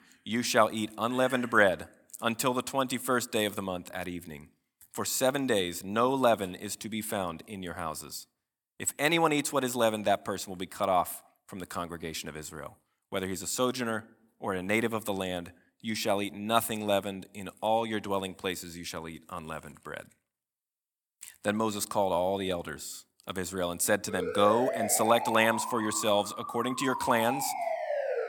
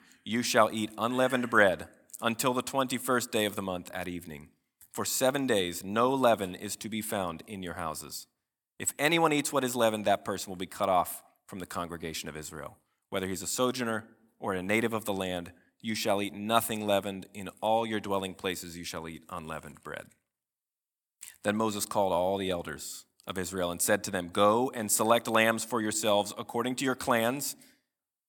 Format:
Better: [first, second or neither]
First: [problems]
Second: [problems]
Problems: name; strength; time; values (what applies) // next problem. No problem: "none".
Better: second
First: siren; noticeable; from 24 s on; peak 2 dB below the speech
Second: none